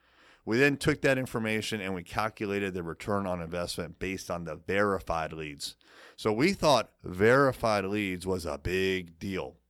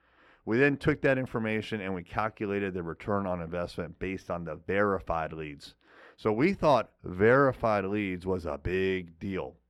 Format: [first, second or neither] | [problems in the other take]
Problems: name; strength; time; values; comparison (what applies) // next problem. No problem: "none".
first | muffled; slightly; fading above 3.5 kHz